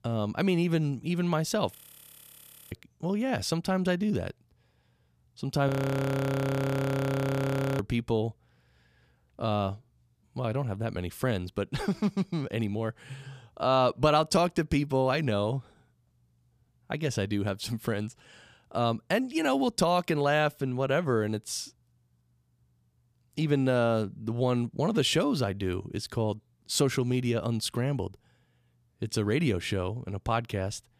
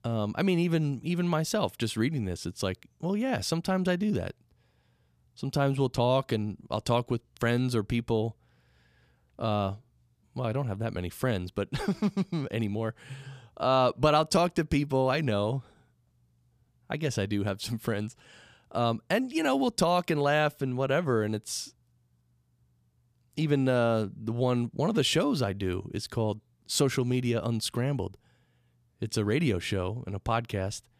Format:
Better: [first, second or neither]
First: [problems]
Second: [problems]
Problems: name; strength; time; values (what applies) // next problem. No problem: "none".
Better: second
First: audio freezing; at 2 s for 1 s and at 5.5 s for 2 s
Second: none